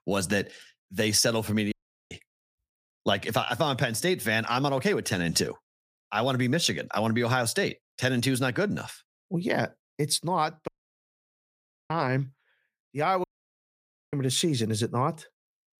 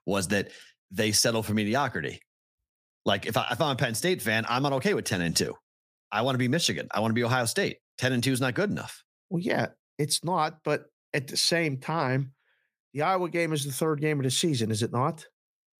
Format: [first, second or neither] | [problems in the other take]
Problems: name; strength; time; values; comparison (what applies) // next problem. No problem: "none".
second | audio cutting out; at 1.5 s, at 11 s for 1 s and at 13 s for 1 s